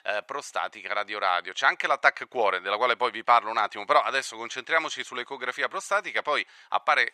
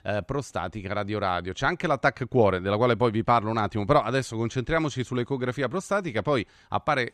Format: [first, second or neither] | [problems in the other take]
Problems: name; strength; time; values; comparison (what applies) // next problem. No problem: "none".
second | thin; very; fading below 850 Hz